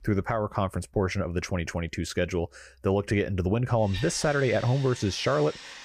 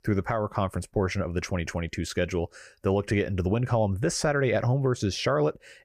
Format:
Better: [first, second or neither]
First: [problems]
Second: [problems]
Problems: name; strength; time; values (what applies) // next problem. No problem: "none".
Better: second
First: machinery noise; noticeable; throughout; 15 dB below the speech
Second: none